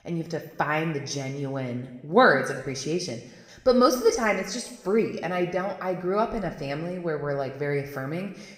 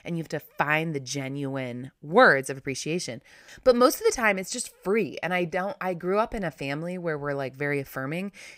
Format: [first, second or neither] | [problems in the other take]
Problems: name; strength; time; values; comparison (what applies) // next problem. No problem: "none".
second | room echo; slight; dies away in 0.9 s